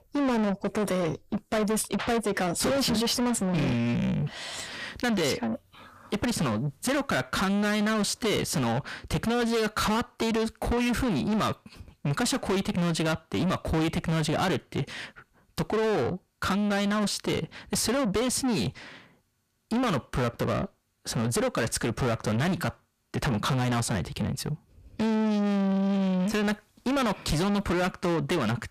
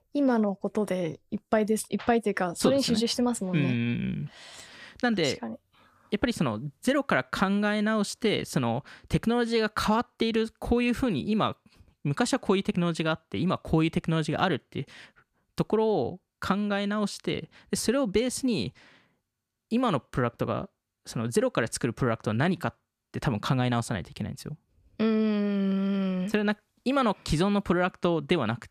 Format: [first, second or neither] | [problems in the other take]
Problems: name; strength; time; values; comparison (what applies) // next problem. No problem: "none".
second | distortion; heavy; 6 dB below the speech